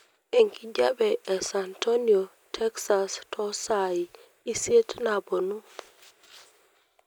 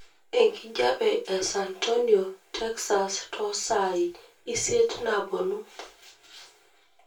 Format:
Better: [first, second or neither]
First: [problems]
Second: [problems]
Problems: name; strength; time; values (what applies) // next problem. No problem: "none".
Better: first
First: none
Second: room echo; dies away in 0.2 s